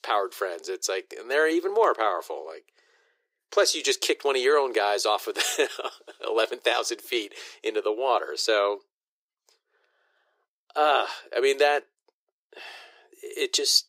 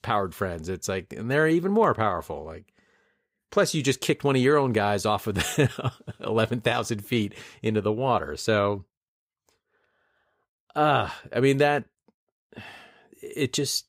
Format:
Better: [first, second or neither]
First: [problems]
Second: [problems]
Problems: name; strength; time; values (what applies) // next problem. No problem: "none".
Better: second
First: thin; very; fading below 350 Hz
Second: none